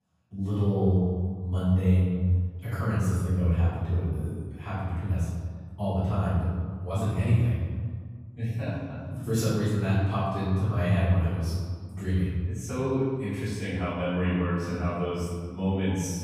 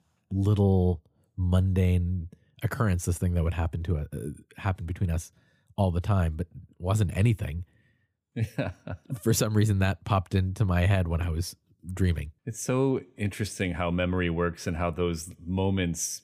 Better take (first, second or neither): second